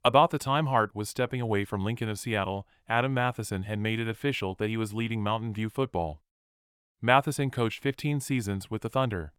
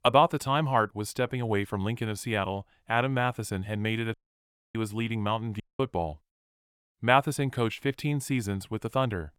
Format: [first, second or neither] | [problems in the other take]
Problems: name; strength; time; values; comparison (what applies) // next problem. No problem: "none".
first | audio cutting out; at 4 s for 0.5 s and at 5.5 s